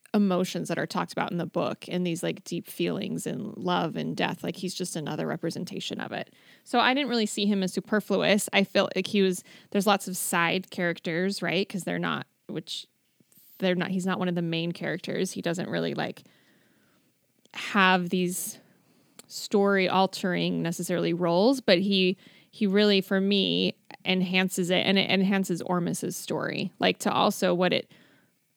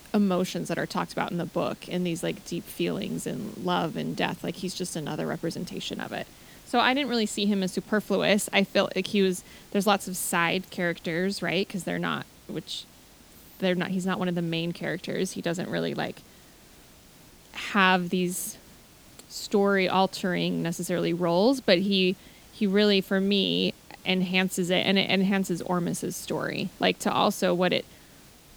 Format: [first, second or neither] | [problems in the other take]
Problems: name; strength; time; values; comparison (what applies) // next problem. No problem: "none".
first | hiss; faint; throughout; 25 dB below the speech